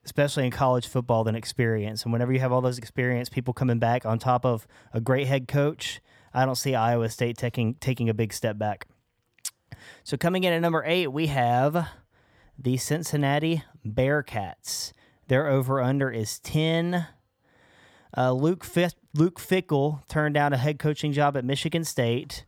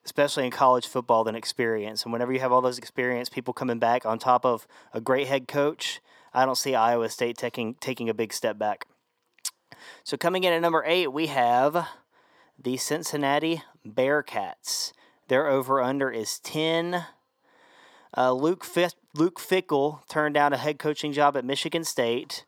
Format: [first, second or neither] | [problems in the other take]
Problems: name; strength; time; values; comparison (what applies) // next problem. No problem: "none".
first | thin; somewhat; fading below 350 Hz